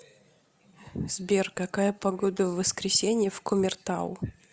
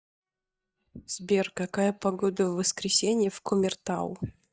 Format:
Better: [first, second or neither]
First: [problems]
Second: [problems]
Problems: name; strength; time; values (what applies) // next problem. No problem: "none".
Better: first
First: none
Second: noise reduction (neural mask model DeepFilterNet 3)